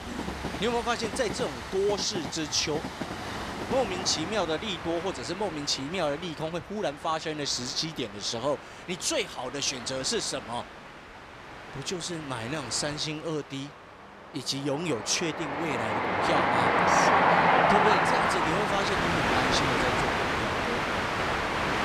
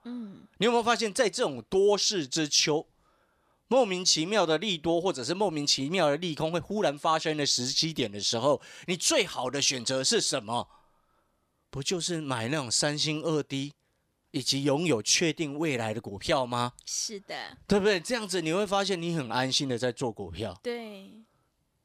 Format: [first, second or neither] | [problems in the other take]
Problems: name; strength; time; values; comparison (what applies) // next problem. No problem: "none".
second | train or aircraft noise; very loud; throughout; 3 dB above the speech